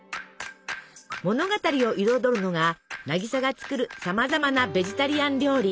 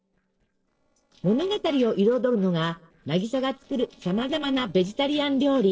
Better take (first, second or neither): first